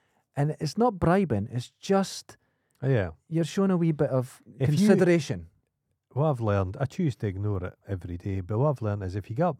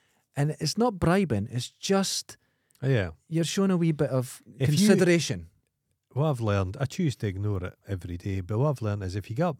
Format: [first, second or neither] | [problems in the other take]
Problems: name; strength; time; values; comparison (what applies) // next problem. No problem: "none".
second | muffled; slightly; fading above 2 kHz